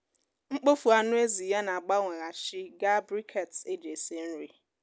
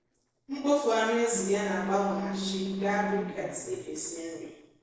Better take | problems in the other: first | noise reduction (neural separator model SepFormer DNS4)

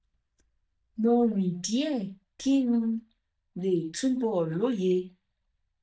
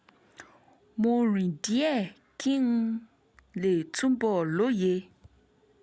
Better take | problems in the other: second | noise reduction (neural mask model DeepFilterNet 3)

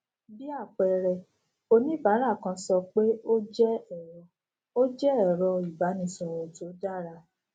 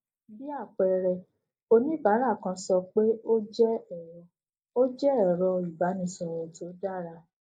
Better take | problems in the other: first | noise reduction (neural mask model Resemble Enhance denoiser)

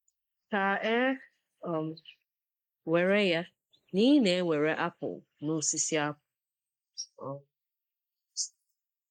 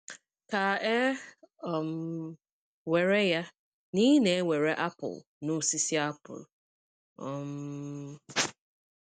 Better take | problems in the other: second | noise reduction (neural mask model Resemble Enhance denoiser)

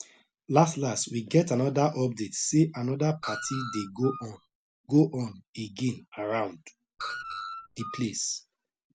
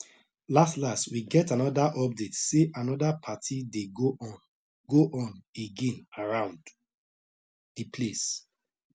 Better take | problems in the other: second | background sound (Screech); 10 dB below the speech

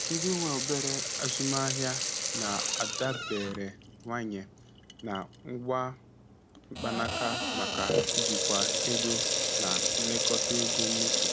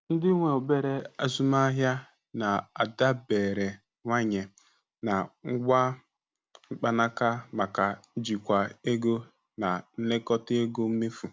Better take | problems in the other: second | background sound (Sink (filling or washing) / Water tap, faucet); 4 dB above the speech

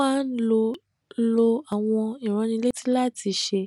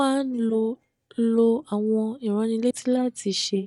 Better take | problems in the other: first | noise reduction (neural mask model DeepFilterNet 3)

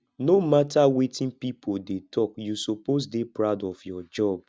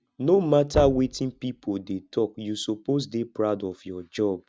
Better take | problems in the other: first | background sound (Knock); 11 dB below the speech

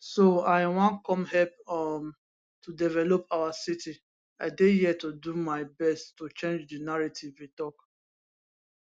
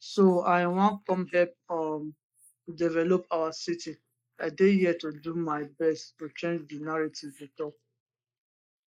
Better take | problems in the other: first | noise reduction (neural mask model Resemble Enhance denoiser)

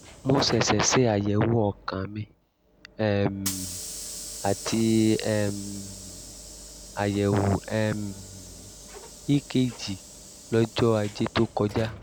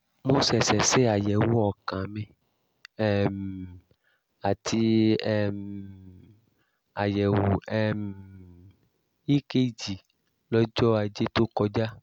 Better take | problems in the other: second | background sound (Sliding door / Hiss); 15 dB below the speech

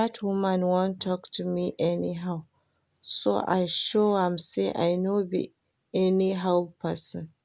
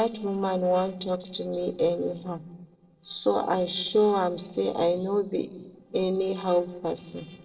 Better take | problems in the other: first | noise reduction (neural separator model SepFormer DNS4)

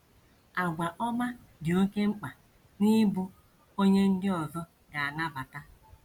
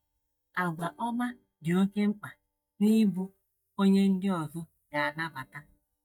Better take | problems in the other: first | noise reduction (neural mask model DeepFilterNet 3)

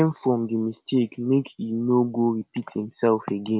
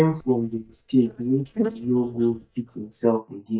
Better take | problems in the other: first | noise reduction (neural mask model DeepFilterNet 3)

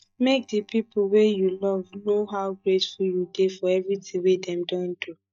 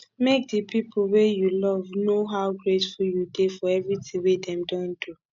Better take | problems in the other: second | noise reduction (neural mask model DeepFilterNet 3)

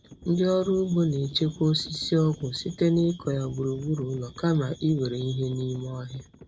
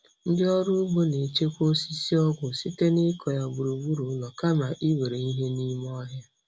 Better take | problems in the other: second | background sound (Livestock, farm animals, working animals); 20 dB below the speech

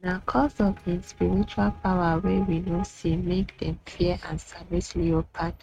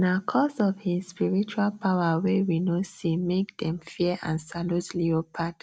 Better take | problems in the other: second | noise reduction (neural mask model RNNoise)

